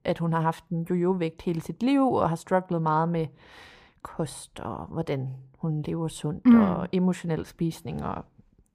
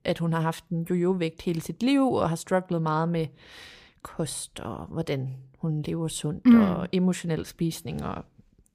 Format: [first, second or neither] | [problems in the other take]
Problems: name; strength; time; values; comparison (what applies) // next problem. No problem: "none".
second | muffled; slightly; fading above 2.5 kHz